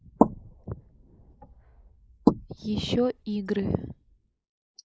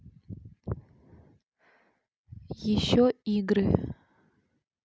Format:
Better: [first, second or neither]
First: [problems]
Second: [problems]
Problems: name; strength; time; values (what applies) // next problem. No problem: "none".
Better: second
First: noise reduction (neural mask model Resemble Enhance denoiser)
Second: none